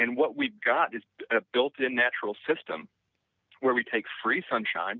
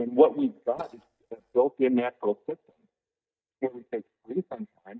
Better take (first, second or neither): first